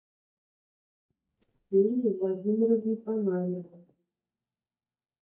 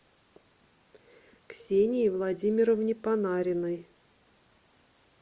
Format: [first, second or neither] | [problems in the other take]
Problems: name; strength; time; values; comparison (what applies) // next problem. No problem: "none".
second | noise reduction (neural mask model DeepFilterNet 3)